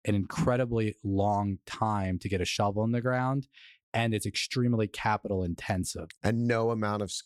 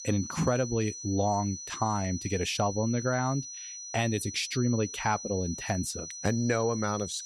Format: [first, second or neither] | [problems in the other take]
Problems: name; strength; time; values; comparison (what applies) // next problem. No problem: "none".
first | high-pitched whine; loud; throughout; 6 kHz, 8 dB below the speech